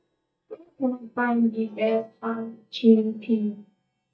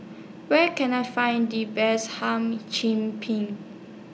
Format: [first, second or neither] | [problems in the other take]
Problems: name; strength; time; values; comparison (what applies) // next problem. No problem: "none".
second | noise reduction (neural mask model DeepFilterNet 3)